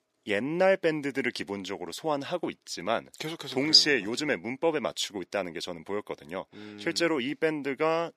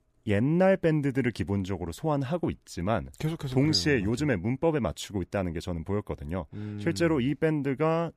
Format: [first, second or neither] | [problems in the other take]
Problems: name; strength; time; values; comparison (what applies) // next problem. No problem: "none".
second | thin; somewhat; fading below 350 Hz